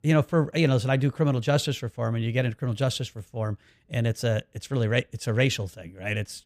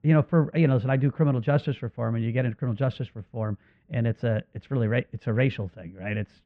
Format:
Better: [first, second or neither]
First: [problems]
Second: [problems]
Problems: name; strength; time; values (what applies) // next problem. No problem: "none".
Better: first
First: none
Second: muffled; very; fading above 2.5 kHz